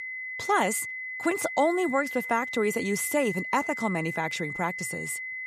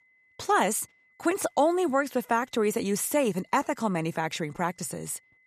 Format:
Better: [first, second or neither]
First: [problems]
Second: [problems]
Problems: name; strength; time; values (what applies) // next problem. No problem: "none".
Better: second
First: high-pitched whine; loud; throughout; 2 kHz, 5 dB below the speech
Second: high-pitched whine; faint; throughout; 2 kHz, 35 dB below the speech